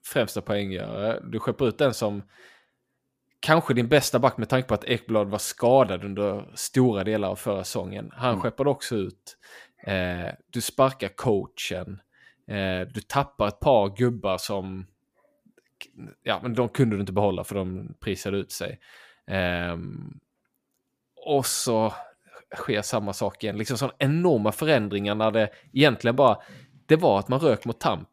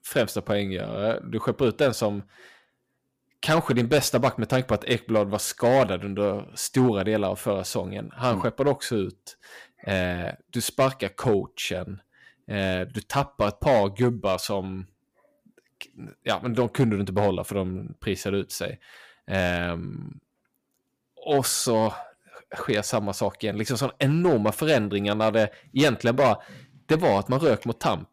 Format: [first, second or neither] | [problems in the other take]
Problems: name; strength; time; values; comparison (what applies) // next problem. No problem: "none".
first | distortion; slight; 3% of the sound clipped